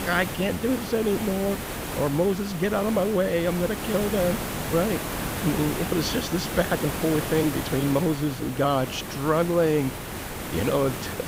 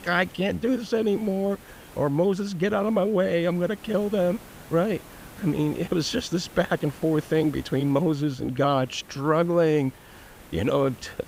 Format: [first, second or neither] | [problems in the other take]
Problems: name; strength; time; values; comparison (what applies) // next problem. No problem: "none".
second | hiss; loud; throughout; 6 dB below the speech; faint in the second